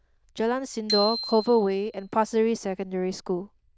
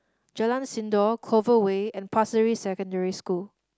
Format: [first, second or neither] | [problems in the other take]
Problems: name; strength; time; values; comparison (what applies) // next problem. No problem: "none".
second | noise reduction (neural diffusion model UNIVERSE++)